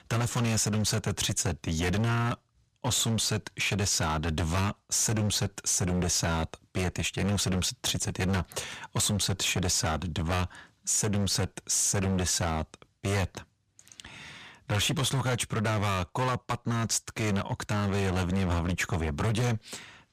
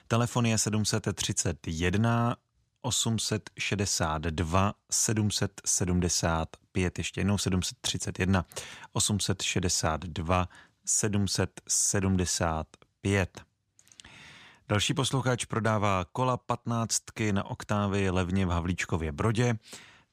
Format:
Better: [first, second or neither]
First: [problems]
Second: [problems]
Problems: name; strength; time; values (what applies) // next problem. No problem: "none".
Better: second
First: distortion; heavy; 19% of the sound clipped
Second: none